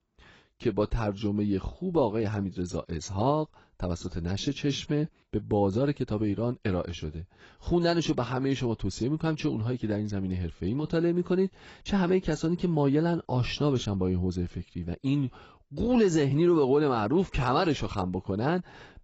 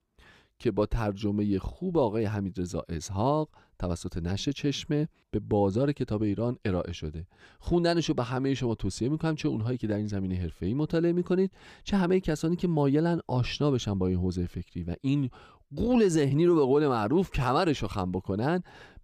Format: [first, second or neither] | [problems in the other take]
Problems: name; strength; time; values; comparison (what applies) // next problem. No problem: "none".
second | garbled, watery; badly; nothing above 7.5 kHz